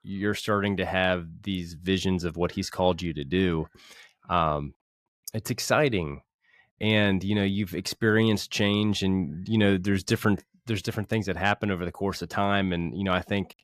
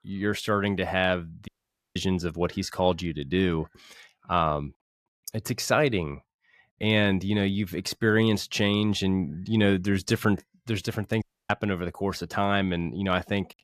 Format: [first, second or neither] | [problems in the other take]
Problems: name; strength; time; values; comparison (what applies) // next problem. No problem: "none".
first | audio cutting out; at 1.5 s and at 11 s